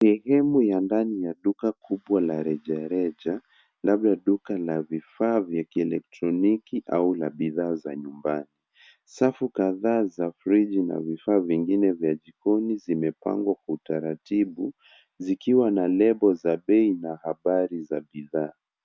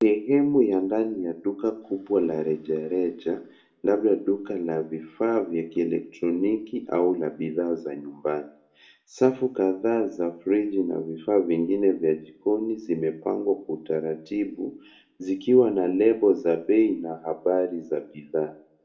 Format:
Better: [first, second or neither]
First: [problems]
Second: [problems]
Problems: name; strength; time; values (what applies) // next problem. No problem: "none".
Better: first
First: none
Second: room echo; dies away in 0.4 s